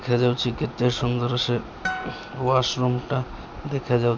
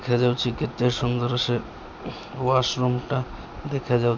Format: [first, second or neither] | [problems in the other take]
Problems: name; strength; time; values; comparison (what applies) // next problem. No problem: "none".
second | background sound (Harp); 12 dB below the speech